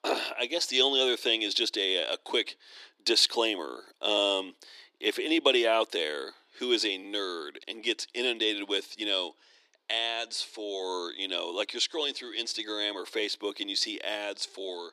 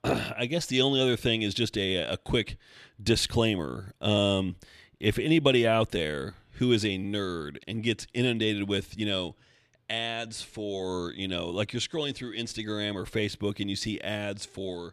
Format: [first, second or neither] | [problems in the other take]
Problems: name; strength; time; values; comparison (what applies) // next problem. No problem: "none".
second | thin; very; fading below 300 Hz